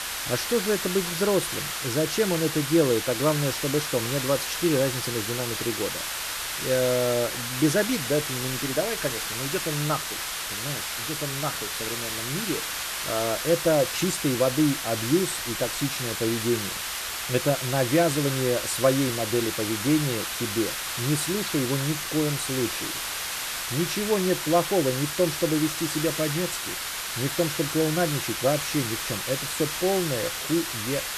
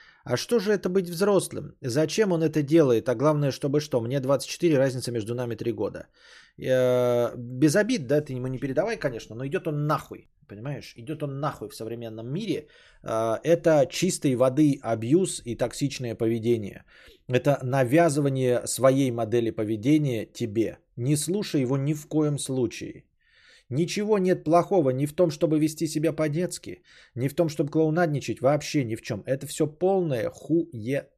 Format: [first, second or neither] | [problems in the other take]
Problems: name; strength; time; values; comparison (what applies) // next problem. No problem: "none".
second | hiss; loud; throughout; 2 dB below the speech